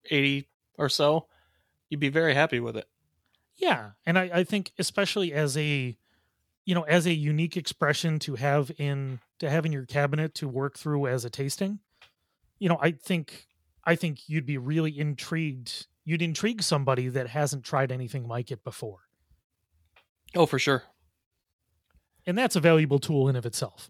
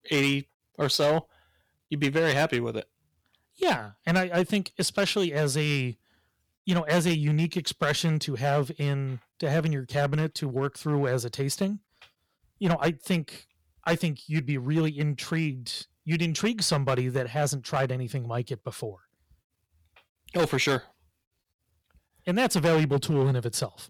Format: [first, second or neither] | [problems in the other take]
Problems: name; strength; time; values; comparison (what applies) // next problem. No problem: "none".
first | distortion; slight; 4% of the sound clipped